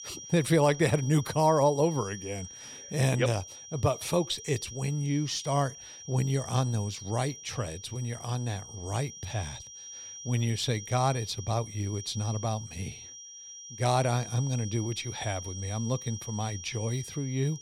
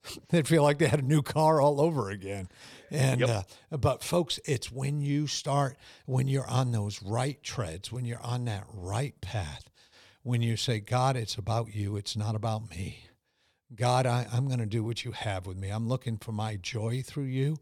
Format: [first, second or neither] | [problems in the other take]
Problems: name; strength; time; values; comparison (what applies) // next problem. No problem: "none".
second | high-pitched whine; noticeable; throughout; 5.5 kHz, 10 dB below the speech